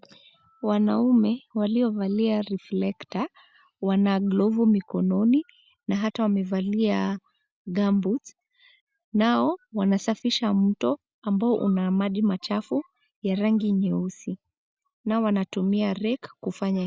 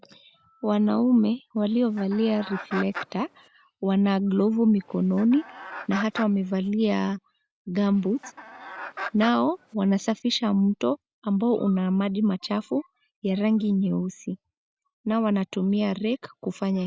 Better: first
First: none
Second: background sound (Chicken, rooster); 14 dB below the speech

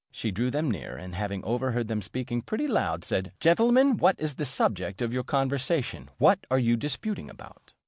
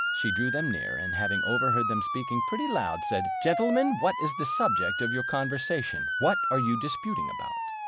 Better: first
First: none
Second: background sound (Motor vehicle (road) / Siren); 1 dB above the speech

